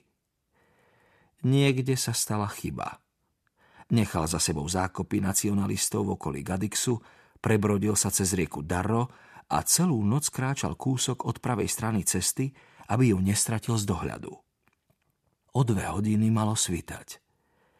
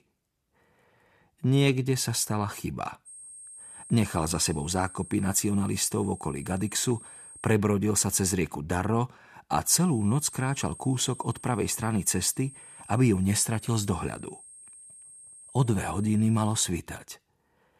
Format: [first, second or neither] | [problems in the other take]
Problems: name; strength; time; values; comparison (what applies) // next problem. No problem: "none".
first | high-pitched whine; noticeable; from 3 to 7.5 s and from 10 to 17 s; 8.5 kHz, 20 dB below the speech